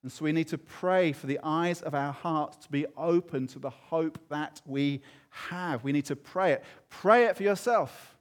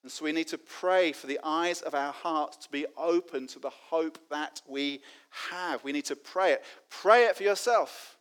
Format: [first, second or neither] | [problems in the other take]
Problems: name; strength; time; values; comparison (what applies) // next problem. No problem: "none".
first | thin; somewhat; fading below 300 Hz